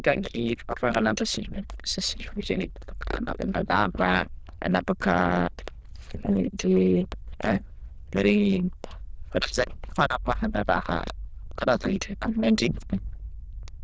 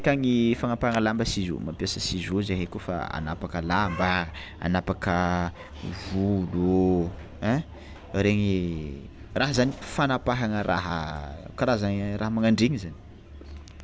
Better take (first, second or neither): second